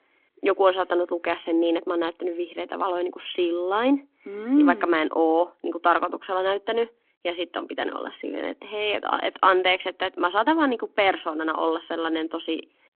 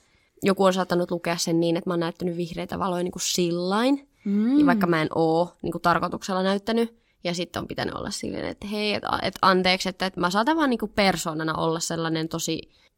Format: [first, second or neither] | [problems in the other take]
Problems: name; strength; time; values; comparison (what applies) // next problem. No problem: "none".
second | phone-call audio